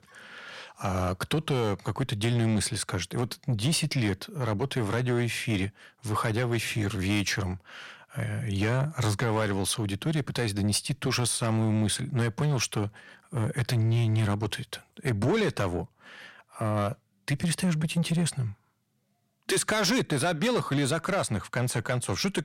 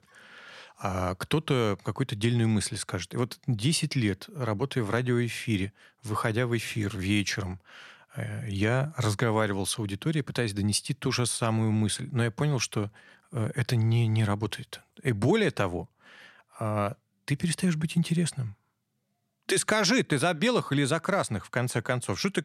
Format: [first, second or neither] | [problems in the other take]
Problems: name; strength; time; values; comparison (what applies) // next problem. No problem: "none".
second | distortion; slight; 10 dB below the speech